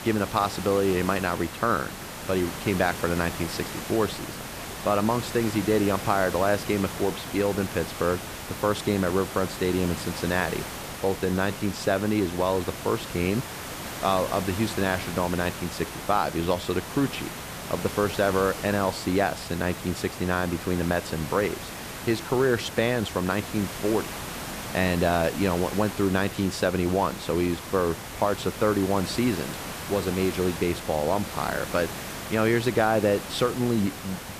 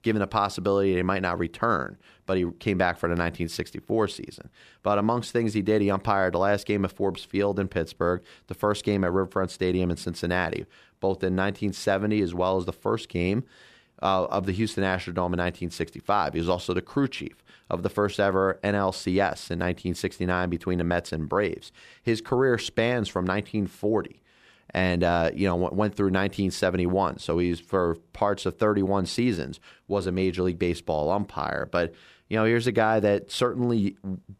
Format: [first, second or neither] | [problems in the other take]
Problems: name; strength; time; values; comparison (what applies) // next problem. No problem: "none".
second | hiss; loud; throughout; 9 dB below the speech